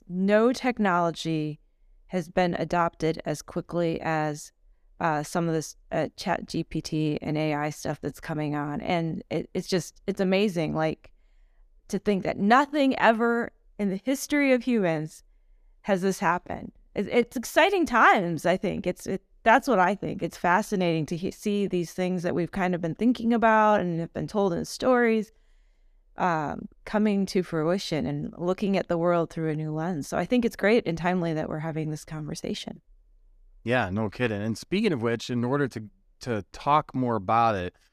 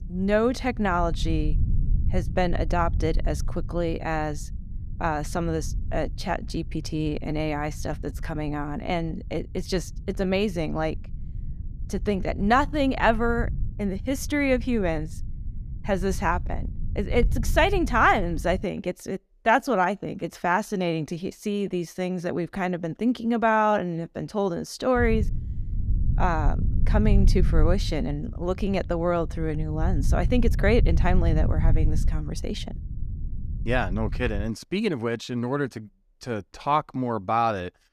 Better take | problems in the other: first | low rumble; noticeable; until 19 s and from 25 to 34 s; 20 dB below the speech

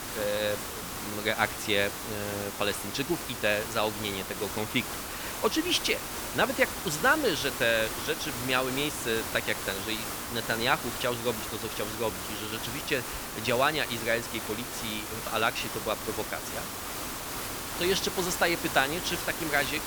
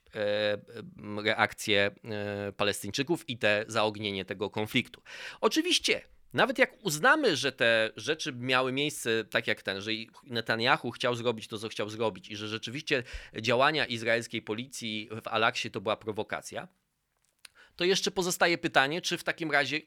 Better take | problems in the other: second | hiss; loud; throughout; 5 dB below the speech

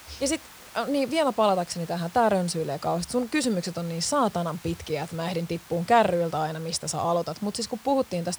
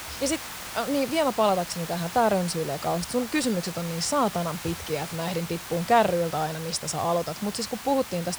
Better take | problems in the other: first | hiss; loud; throughout; 10 dB below the speech; faint in the first

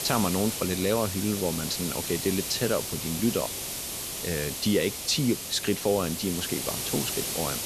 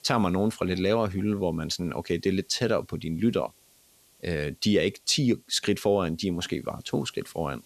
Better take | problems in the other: second | hiss; loud; throughout; 3 dB below the speech; faint in the second

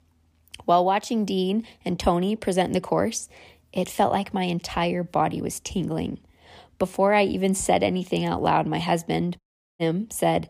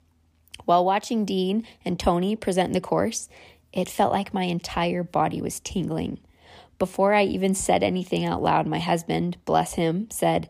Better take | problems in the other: second | audio cutting out; at 9.5 s

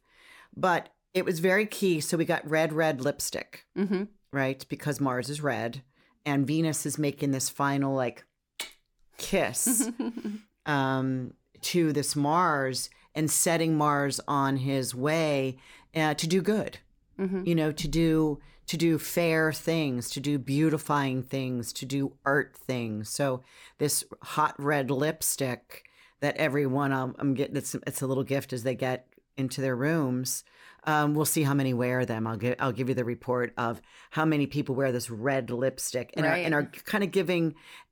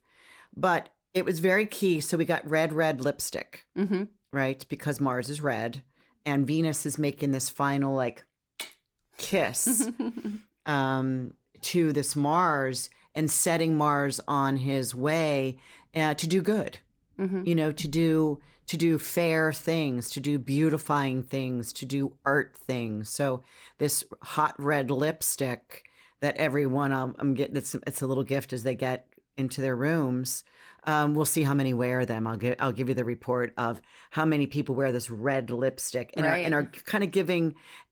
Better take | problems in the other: first | garbled, watery; slightly

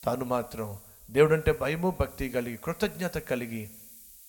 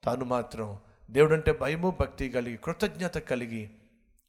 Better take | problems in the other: second | hiss; noticeable; throughout; 20 dB below the speech

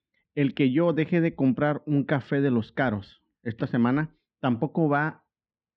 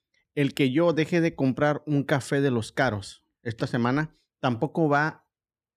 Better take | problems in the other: second | muffled; slightly; fading above 3.5 kHz

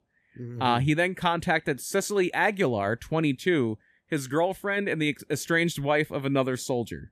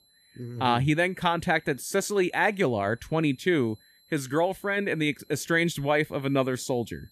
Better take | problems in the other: first | high-pitched whine; faint; throughout; 4 kHz, 35 dB below the speech

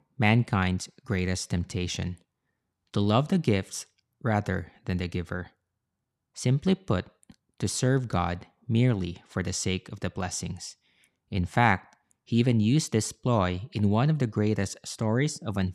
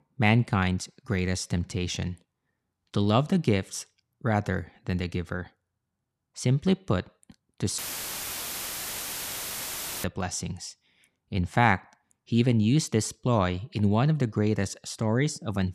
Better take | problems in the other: first | audio cutting out; filled with static; at 8 s for 2.5 s

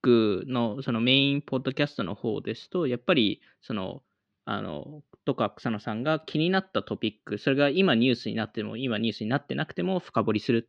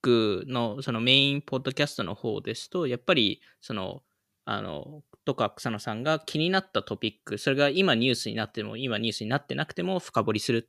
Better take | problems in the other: second | muffled; very slightly; fading above 4 kHz

